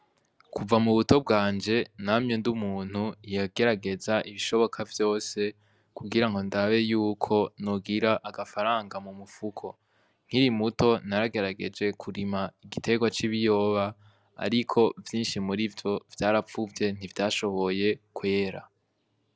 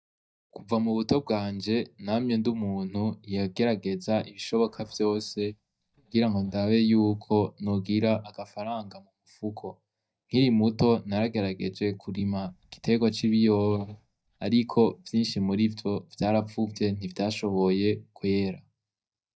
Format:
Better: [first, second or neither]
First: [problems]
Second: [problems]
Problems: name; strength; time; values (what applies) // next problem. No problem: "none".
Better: first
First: none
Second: noise reduction (neural mask model DeepFilterNet 3)